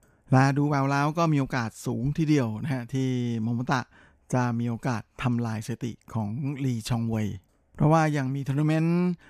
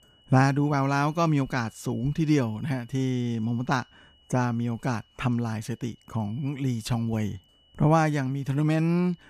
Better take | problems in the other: first | high-pitched whine; faint; throughout; 3 kHz, 30 dB below the speech

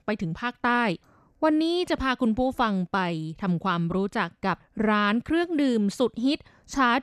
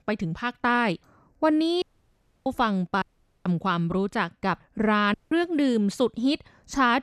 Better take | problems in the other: first | audio cutting out; at 2 s for 0.5 s, at 3 s and at 5 s

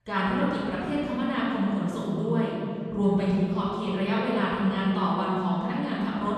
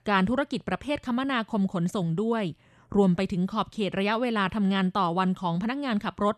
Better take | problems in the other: second | off-mic speech; far // room echo; strong; dies away in 2.3 s

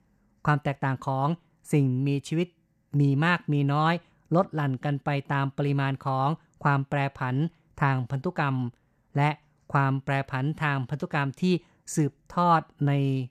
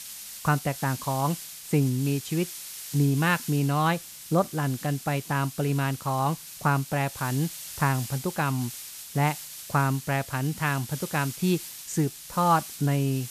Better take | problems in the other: first | hiss; noticeable; throughout; 10 dB below the speech

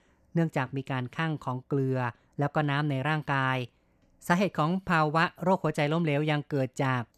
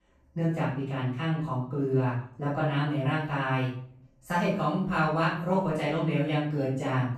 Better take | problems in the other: first | room echo; noticeable; dies away in 0.5 s // off-mic speech; far

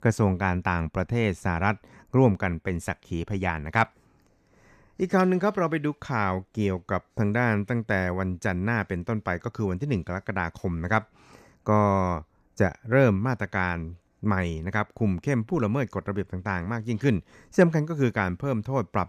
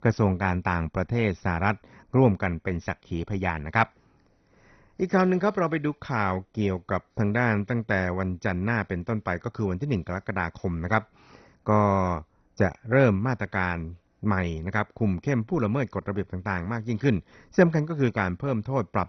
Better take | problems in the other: first | garbled, watery; badly; nothing above 6 kHz

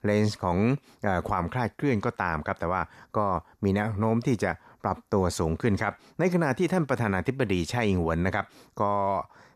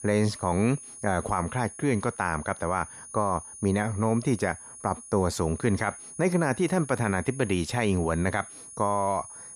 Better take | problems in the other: first | high-pitched whine; noticeable; throughout; 10 kHz, 15 dB below the speech

